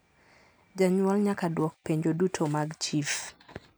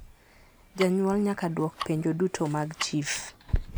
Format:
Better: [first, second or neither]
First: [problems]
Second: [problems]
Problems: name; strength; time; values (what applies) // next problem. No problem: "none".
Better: first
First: none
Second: background sound (Tick-tock); 8 dB below the speech